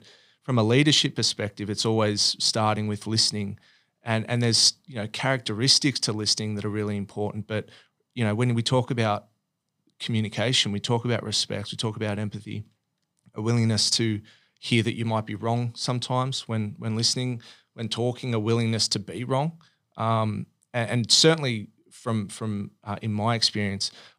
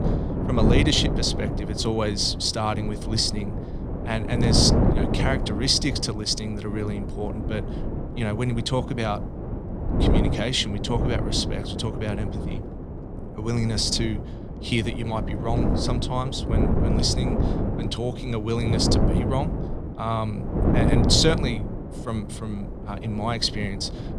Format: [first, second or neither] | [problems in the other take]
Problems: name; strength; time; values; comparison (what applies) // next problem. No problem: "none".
first | wind noise on the microphone; heavy; 6 dB below the speech